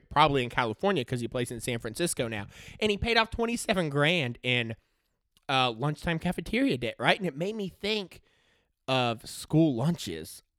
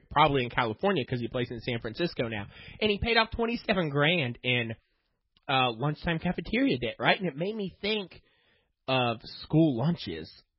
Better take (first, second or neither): first